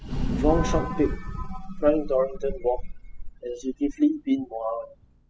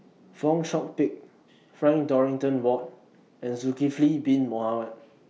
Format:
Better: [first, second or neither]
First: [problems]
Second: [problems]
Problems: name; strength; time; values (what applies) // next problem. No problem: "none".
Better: second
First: noise reduction (classical method spectral subtraction)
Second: none